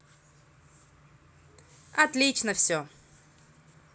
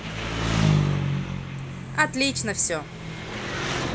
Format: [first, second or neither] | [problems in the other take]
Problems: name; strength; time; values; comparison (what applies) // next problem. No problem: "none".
first | background sound (Engine); 4 dB above the speech